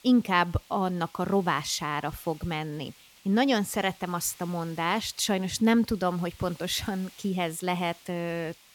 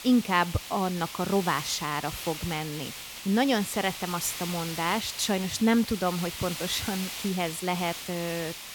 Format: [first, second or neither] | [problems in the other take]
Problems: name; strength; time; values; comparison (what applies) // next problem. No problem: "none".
first | hiss; loud; throughout; 8 dB below the speech; faint in the first